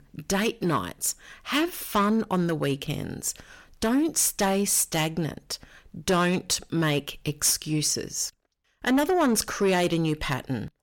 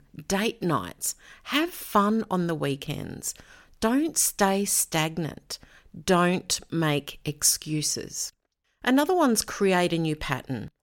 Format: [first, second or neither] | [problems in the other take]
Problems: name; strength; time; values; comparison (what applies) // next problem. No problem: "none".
second | distortion; slight; 10 dB below the speech